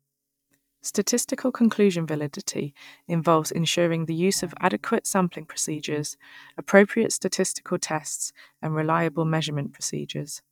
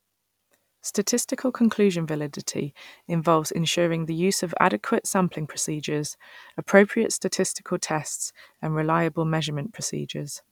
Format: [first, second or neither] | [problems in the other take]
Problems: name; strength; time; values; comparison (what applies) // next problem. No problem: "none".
second | noise reduction (neural mask model DeepFilterNet 3)